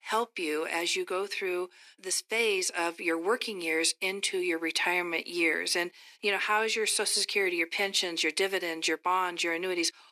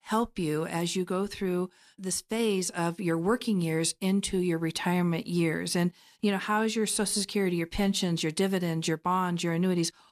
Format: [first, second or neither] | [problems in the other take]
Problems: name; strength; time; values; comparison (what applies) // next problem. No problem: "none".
second | thin; very; fading below 300 Hz